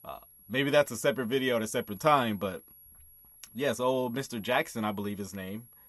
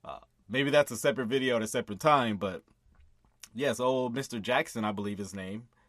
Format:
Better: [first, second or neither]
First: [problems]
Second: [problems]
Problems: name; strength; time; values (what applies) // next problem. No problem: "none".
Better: second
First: high-pitched whine; faint; throughout; 11.5 kHz, 25 dB below the speech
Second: none